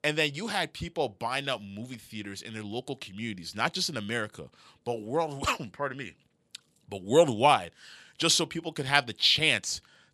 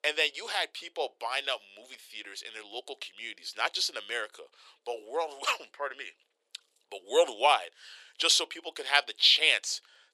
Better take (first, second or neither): first